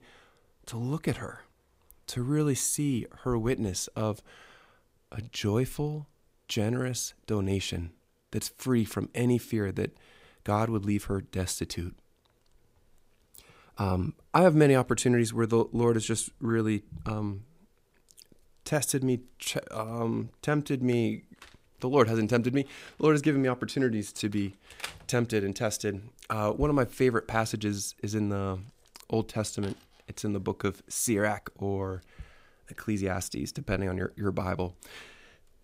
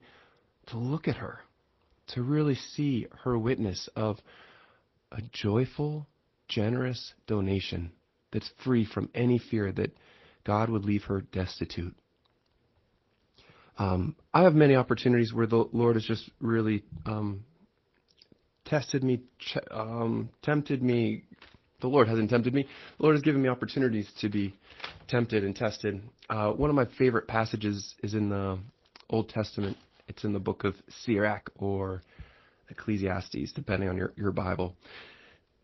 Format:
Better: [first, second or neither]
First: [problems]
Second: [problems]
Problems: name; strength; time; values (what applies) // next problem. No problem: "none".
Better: first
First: none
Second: garbled, watery; slightly; nothing above 5.5 kHz